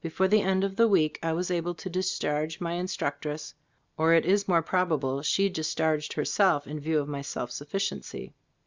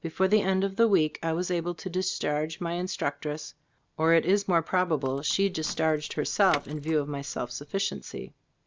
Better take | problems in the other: first | background sound (Door / Car); 16 dB below the speech

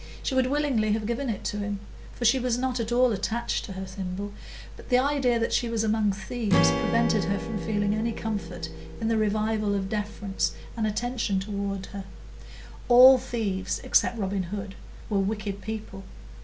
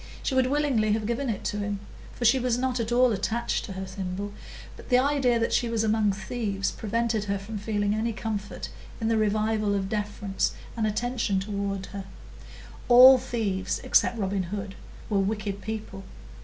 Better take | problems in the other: second | background sound (Strum); 10 dB below the speech

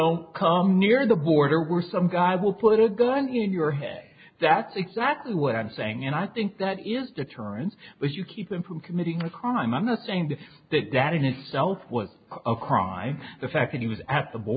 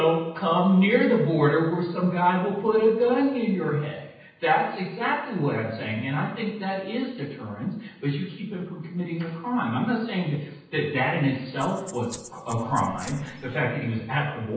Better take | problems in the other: first | noise reduction (neural separator model SepFormer DNS4)

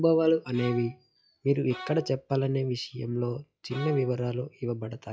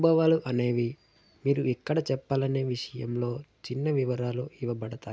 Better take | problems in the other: second | noise reduction (classical method log-MMSE)

